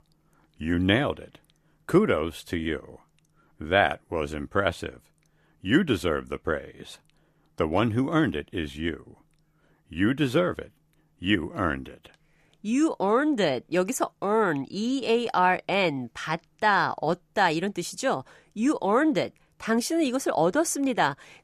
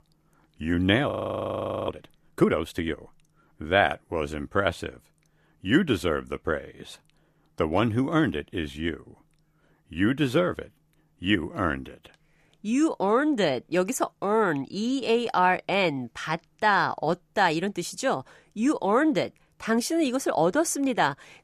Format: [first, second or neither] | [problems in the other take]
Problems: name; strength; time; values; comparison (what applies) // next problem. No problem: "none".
first | audio freezing; at 1 s for 1 s